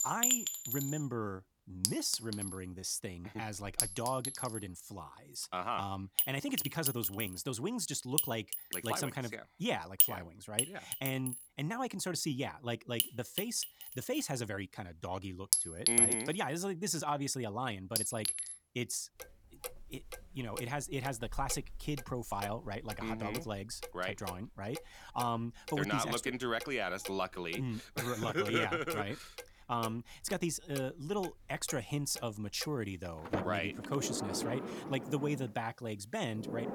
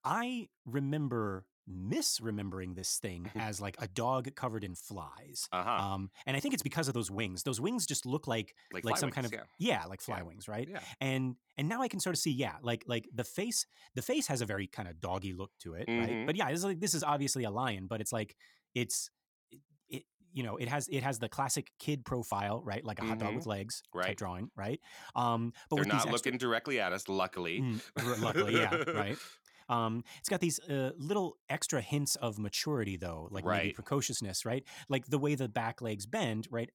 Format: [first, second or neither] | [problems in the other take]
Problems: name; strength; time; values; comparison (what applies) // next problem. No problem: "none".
second | household noises; very loud; throughout; 2 dB above the speech